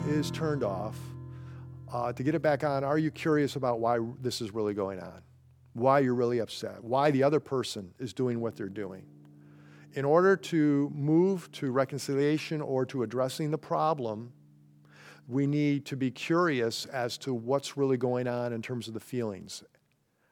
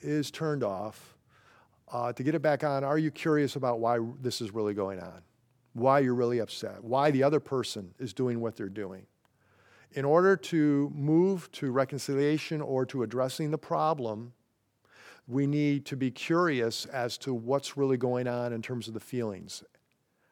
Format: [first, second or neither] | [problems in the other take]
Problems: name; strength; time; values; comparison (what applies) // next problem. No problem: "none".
second | background music; noticeable; throughout; 20 dB below the speech